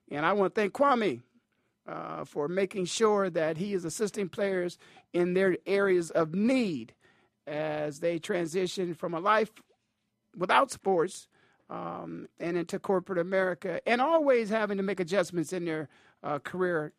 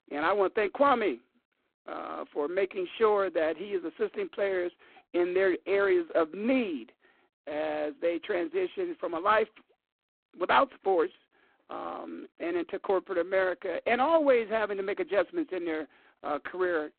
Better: first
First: none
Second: phone-call audio; poor line; nothing above 4 kHz

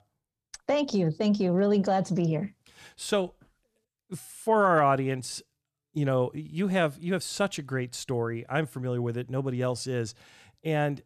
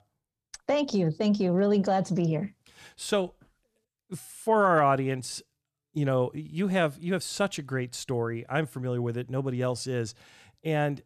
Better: neither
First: none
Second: none

